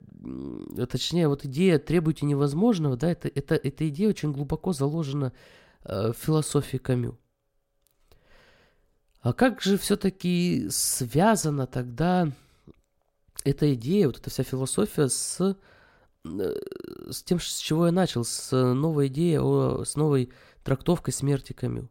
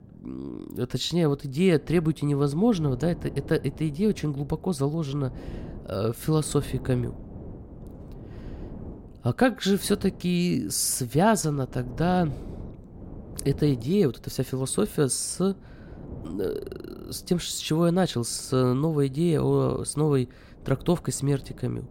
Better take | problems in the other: first | wind noise on the microphone; occasional gusts; 20 dB below the speech

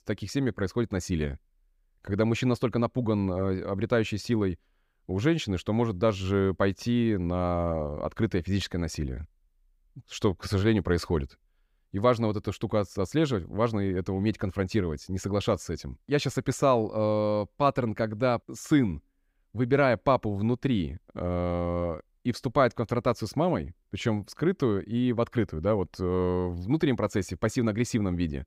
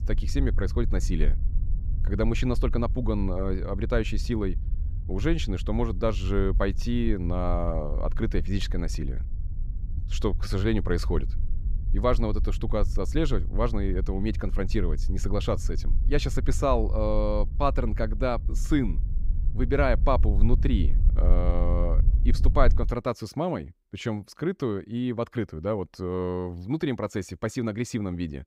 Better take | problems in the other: first | low rumble; noticeable; until 23 s; 20 dB below the speech

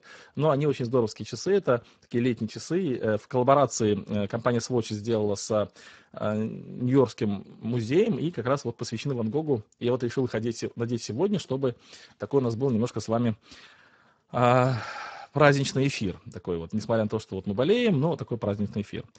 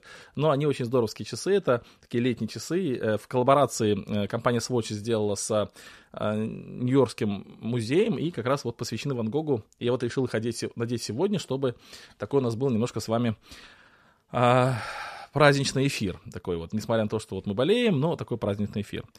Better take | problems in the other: second | garbled, watery; badly; nothing above 7.5 kHz

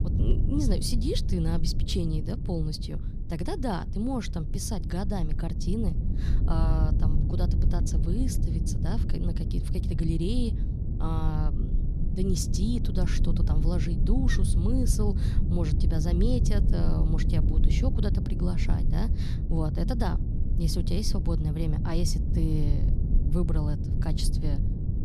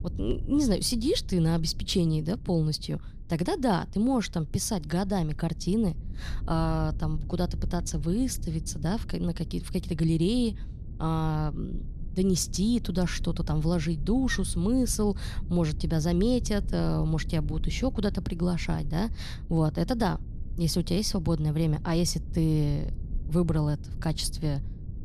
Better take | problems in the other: second | low rumble; loud; throughout; 6 dB below the speech; faint in the second

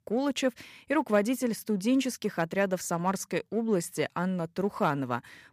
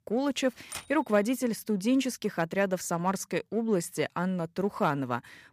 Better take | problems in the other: first | keyboard typing; faint; at 0.5 s; peak 10 dB below the speech

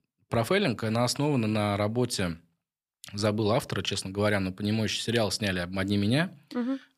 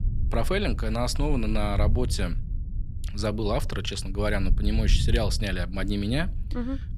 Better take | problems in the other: first | low rumble; noticeable; throughout; 15 dB below the speech

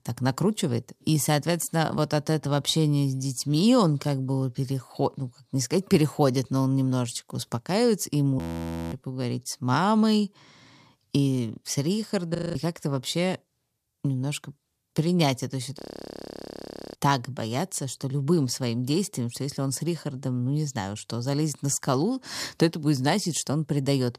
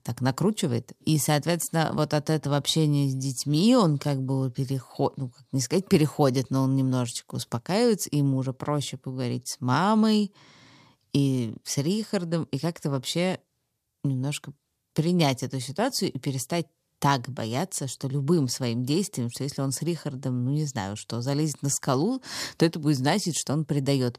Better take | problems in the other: second | audio freezing; at 8.5 s for 0.5 s, at 12 s and at 16 s for 1 s

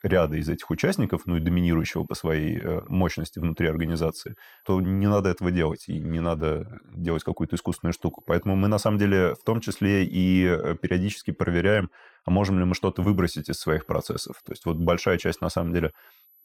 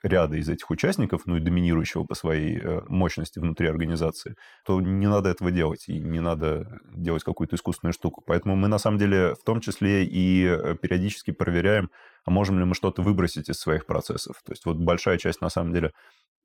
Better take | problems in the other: second | high-pitched whine; faint; until 5 s, from 8 to 11 s and from 13 s on; 12 kHz, 30 dB below the speech

